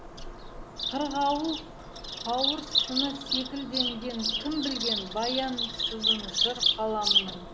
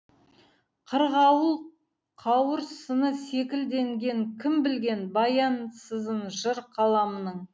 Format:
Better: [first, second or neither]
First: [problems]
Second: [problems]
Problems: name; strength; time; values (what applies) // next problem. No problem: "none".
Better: second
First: background sound (Bird vocalization, bird call, bird song); 2 dB above the speech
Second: none